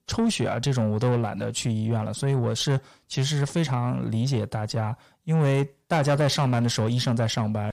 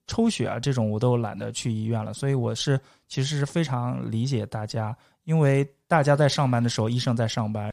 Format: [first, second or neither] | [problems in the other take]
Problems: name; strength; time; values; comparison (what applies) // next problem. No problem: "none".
second | distortion; slight; 10 dB below the speech